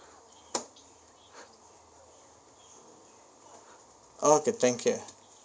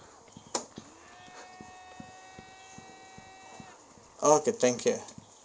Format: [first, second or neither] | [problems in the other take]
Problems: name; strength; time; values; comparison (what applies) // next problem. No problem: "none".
first | background sound (Domestic sounds, home sounds + Run); 19 dB below the speech